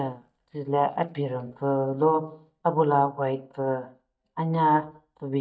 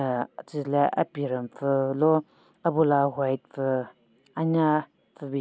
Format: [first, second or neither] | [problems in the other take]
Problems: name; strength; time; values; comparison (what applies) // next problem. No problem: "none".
second | noise reduction (neural mask model DeepFilterNet 3)